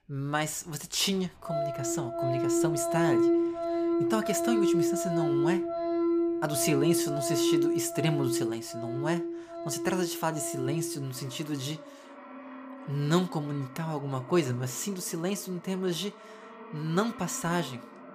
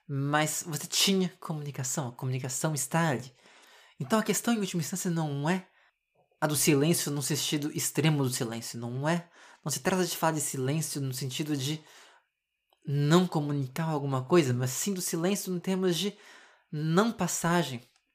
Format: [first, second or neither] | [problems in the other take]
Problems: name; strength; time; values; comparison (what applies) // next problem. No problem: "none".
second | background music; very loud; throughout; 2 dB above the speech